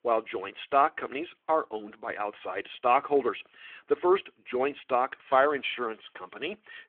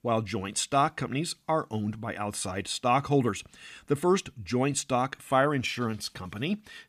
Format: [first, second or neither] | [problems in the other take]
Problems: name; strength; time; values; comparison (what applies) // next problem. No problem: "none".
second | phone-call audio